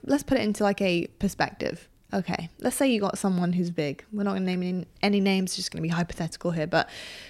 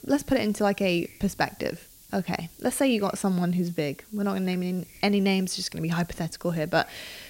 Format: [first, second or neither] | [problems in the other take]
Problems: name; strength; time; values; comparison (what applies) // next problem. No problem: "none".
first | hiss; faint; throughout; 20 dB below the speech